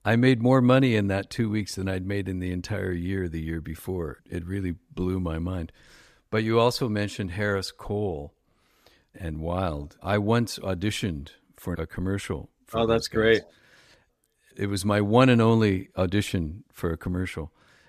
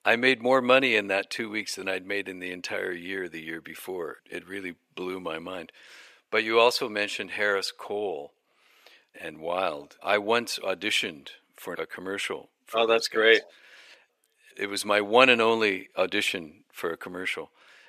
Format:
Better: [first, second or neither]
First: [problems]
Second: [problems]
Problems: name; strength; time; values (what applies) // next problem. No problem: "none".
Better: first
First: none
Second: thin; somewhat; fading below 500 Hz